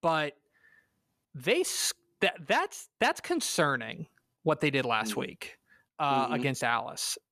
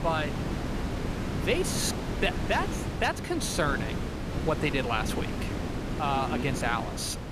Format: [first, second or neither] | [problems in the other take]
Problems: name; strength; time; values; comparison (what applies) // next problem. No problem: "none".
first | wind noise on the microphone; heavy; 7 dB below the speech